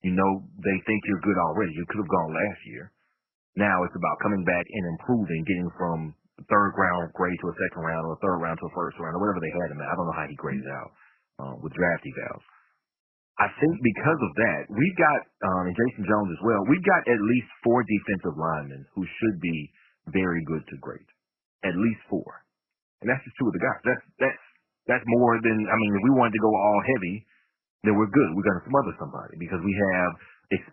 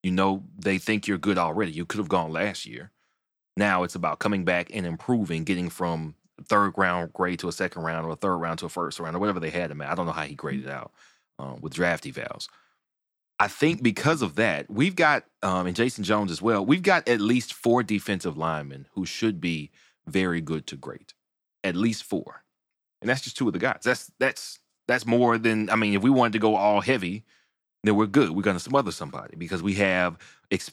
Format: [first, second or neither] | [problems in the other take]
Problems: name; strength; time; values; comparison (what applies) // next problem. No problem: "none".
second | garbled, watery; badly; nothing above 2.5 kHz